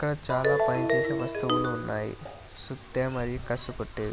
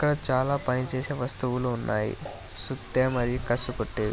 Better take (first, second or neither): second